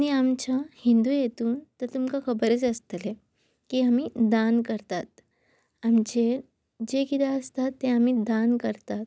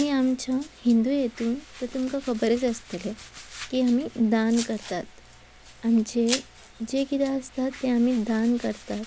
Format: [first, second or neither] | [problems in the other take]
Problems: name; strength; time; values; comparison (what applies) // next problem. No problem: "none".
first | background sound (Domestic sounds, home sounds); 16 dB below the speech